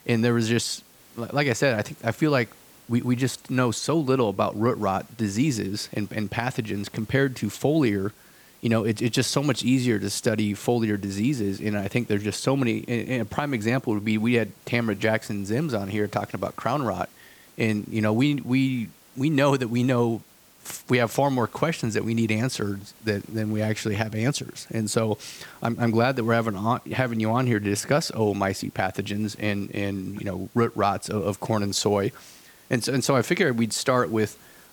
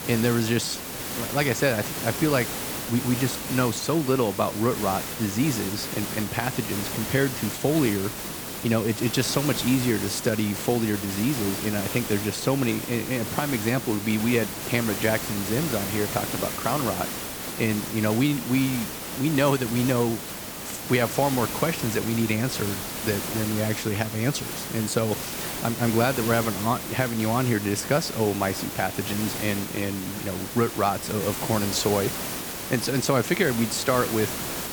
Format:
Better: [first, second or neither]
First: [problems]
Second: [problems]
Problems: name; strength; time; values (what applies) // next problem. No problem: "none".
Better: first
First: hiss; faint; throughout; 25 dB below the speech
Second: hiss; loud; throughout; 5 dB below the speech